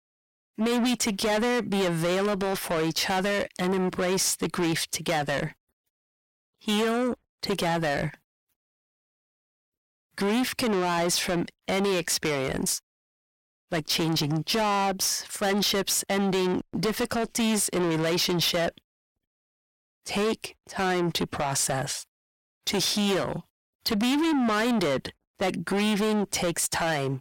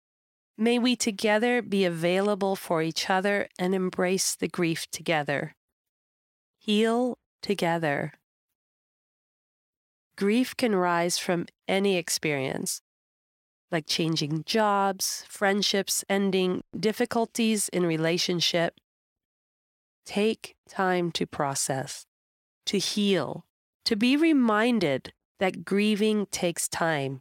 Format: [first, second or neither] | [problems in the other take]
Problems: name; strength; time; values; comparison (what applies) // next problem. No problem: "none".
second | distortion; heavy; 6 dB below the speech